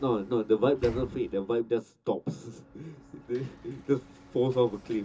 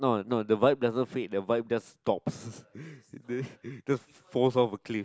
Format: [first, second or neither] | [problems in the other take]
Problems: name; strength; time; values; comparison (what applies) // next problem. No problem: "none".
second | background sound (Sliding door / Slam); 17 dB below the speech // room echo; dies away in 0.2 s